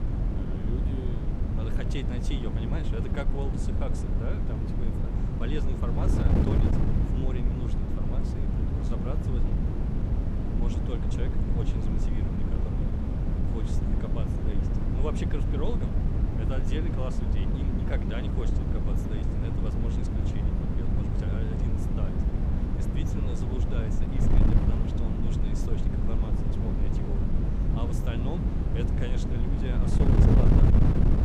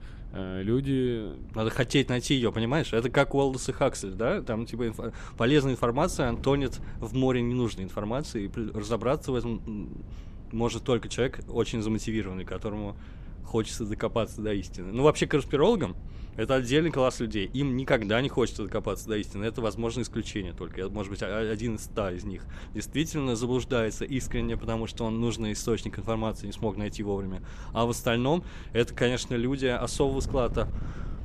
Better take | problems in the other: second | wind noise on the microphone; heavy; 4 dB above the speech; occasional gusts in the second

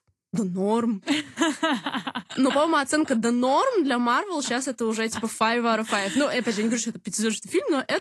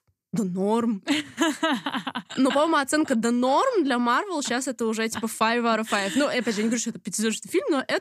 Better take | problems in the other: second | garbled, watery; slightly; nothing above 11 kHz

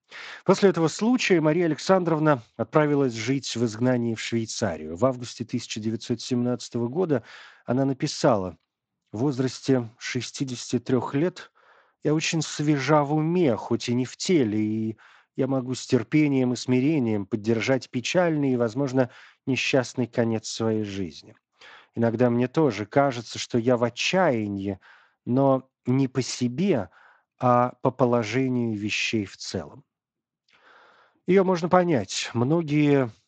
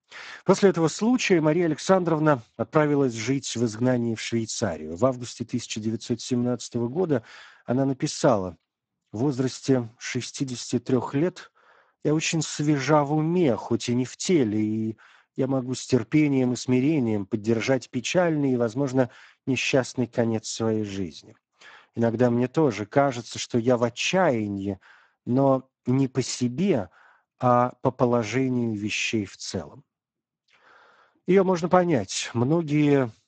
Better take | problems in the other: first | garbled, watery; badly; nothing above 8 kHz; slightly in the first

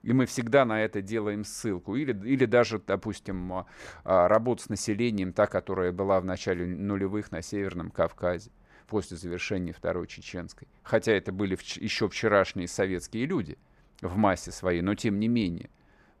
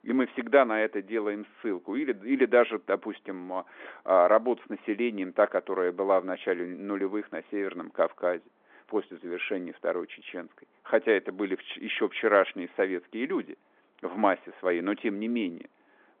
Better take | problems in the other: first | phone-call audio; nothing above 3.5 kHz

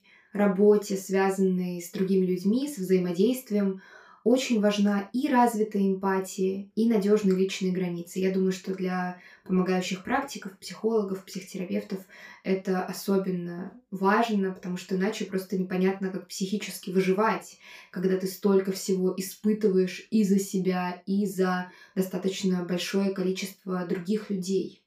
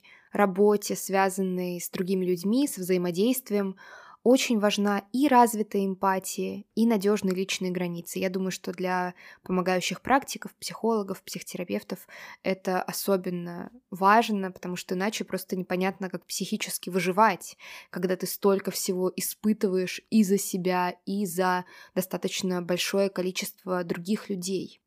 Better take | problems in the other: second | room echo; slight; dies away in 0.3 s // off-mic speech; far

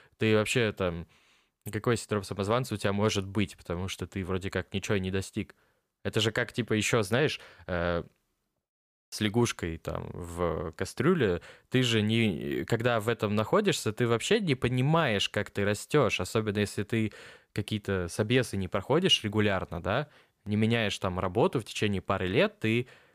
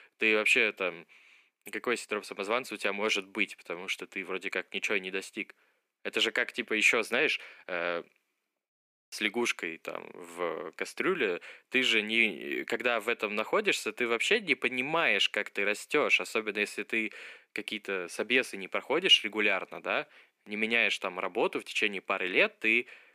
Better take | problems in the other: first | thin; somewhat; fading below 250 Hz

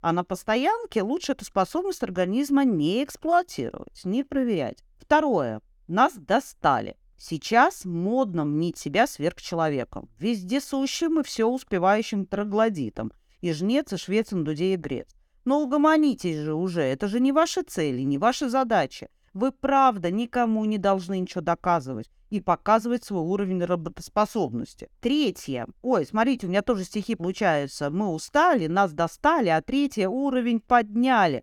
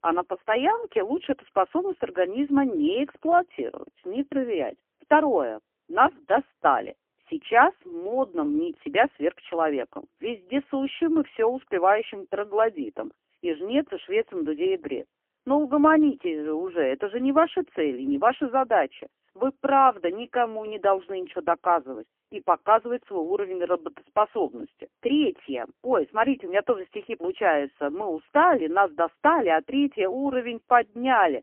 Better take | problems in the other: first | phone-call audio; poor line; nothing above 3 kHz

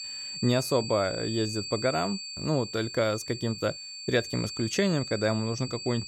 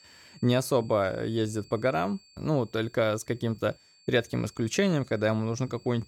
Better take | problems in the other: second | high-pitched whine; loud; throughout; 4.5 kHz, 7 dB below the speech; faint in the second

